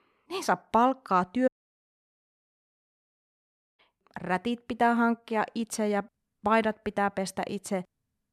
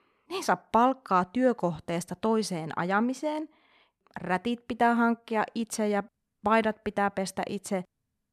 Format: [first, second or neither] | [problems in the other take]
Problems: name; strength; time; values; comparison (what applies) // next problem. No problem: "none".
second | audio cutting out; at 1.5 s for 2.5 s